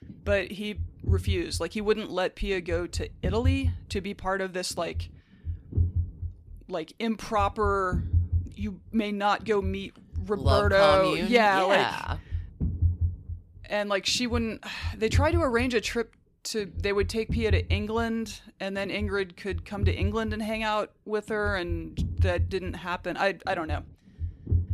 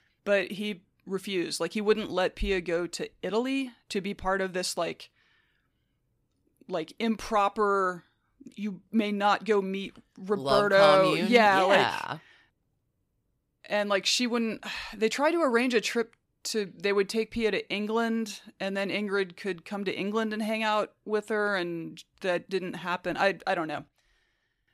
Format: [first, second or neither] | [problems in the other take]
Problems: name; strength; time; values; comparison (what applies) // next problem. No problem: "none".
second | low rumble; faint; throughout; 20 dB below the speech